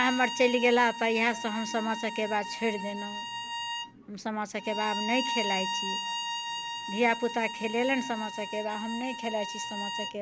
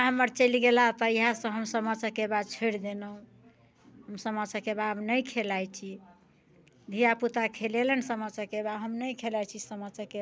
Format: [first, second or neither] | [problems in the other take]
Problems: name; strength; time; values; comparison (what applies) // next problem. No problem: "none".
second | background sound (Bowed string instrument); 6 dB below the speech